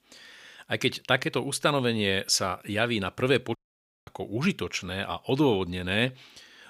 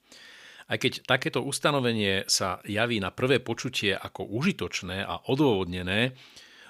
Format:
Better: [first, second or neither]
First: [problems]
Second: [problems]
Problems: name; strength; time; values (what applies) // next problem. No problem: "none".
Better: second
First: audio cutting out; at 3.5 s for 0.5 s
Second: none